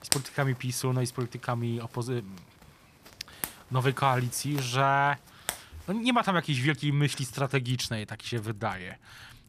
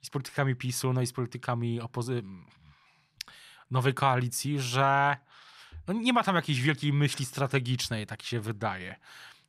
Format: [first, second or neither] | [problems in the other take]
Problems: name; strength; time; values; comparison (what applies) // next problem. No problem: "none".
second | household noises; loud; throughout; 10 dB below the speech